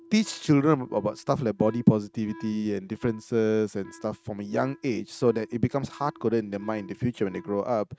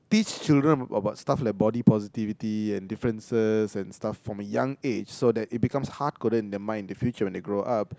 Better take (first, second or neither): second